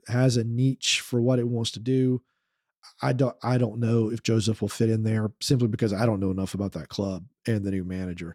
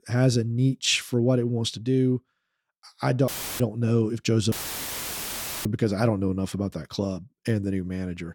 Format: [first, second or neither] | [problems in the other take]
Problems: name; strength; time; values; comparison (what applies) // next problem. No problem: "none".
first | audio cutting out; filled with static; at 3.5 s and at 4.5 s for 1 s